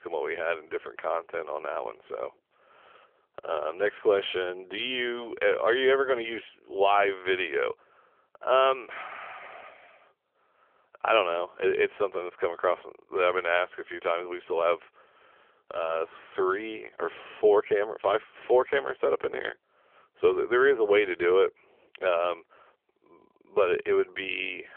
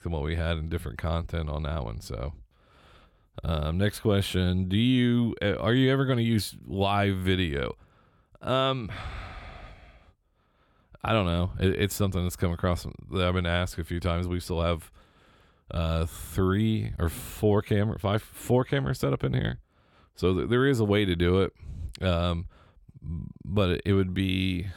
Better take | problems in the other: second | phone-call audio; nothing above 3.5 kHz

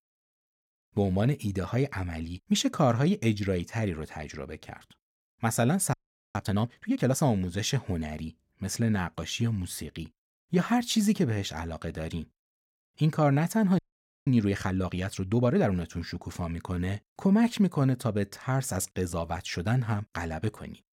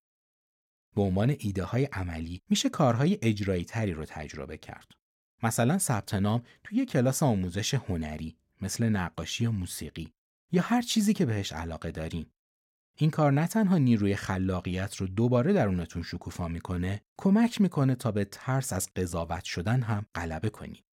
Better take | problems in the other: second | audio freezing; at 6 s and at 14 s

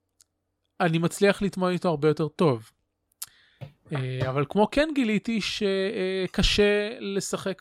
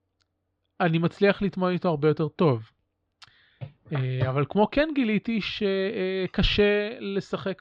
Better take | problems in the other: first | muffled; very slightly; fading above 4 kHz

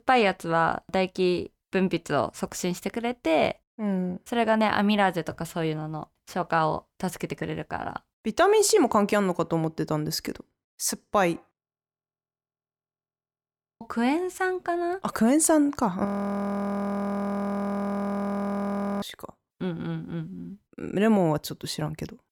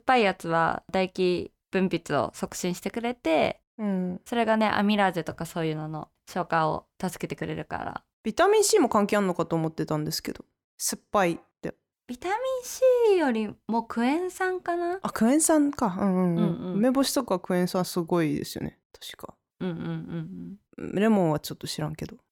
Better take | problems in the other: second | audio freezing; at 12 s for 2 s and at 16 s for 3 s

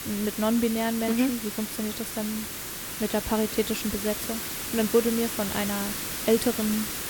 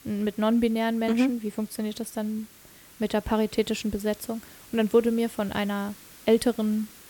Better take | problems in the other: second | hiss; loud; throughout; 4 dB below the speech; faint in the second

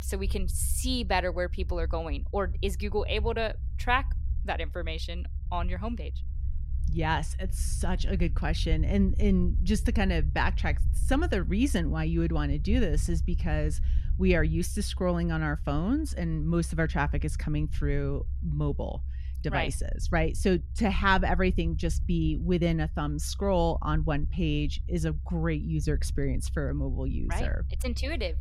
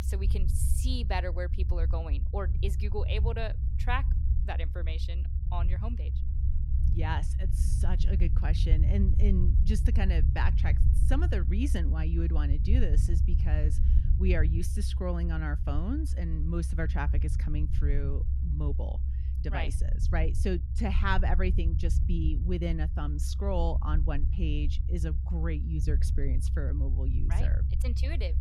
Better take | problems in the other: first | low rumble; loud; throughout; 9 dB below the speech; faint in the first

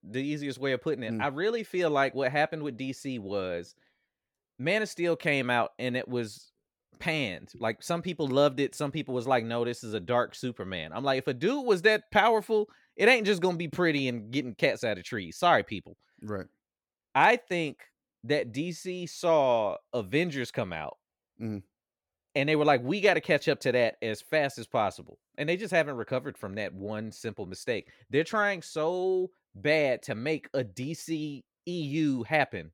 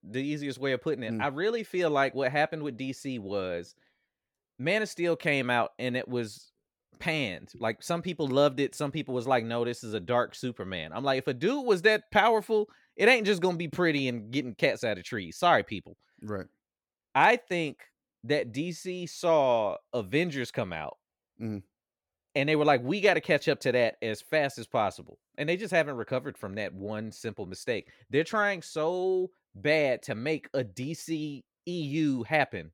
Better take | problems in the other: neither | none

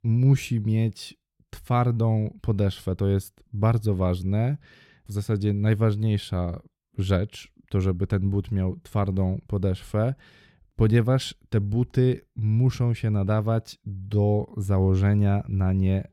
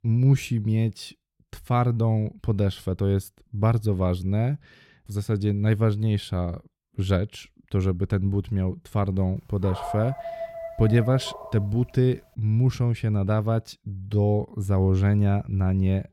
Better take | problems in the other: first | dog barking; noticeable; from 9.5 to 12 s; peak 9 dB below the speech

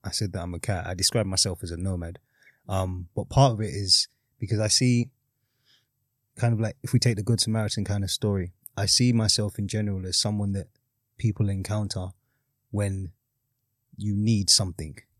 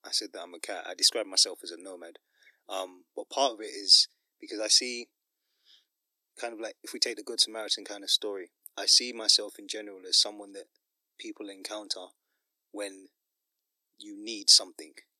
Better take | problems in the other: first | thin; very; fading below 300 Hz

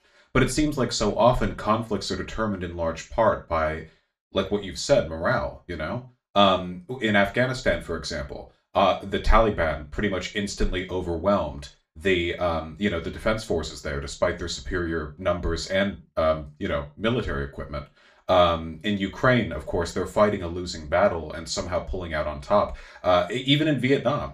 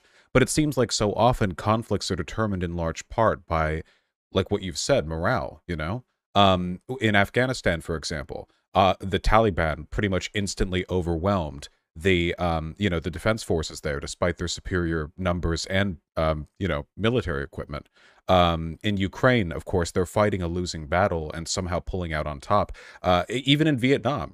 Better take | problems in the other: second | room echo; very slight; dies away in 0.3 s // off-mic speech; somewhat distant

